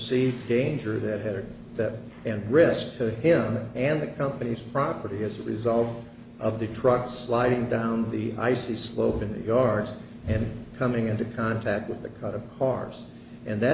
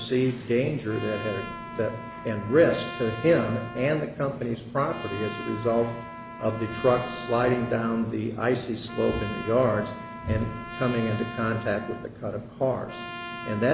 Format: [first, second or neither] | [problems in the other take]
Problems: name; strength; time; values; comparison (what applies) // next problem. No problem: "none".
first | background sound (Trumpet); 13 dB below the speech